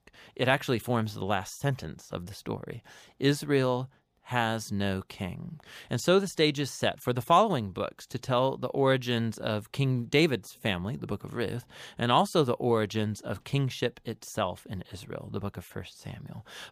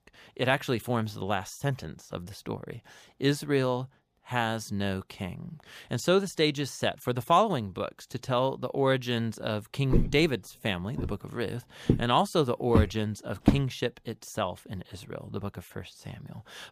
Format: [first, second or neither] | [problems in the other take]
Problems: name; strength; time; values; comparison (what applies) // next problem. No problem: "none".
first | footsteps; loud; from 10 to 14 s; peak 2 dB above the speech